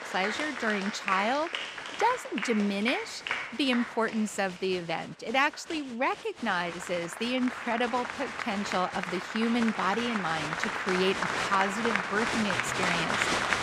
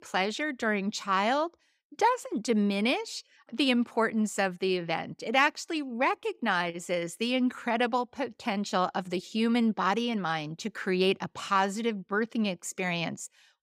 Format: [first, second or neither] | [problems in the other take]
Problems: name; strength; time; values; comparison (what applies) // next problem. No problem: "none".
second | crowd noise; loud; throughout; 2 dB below the speech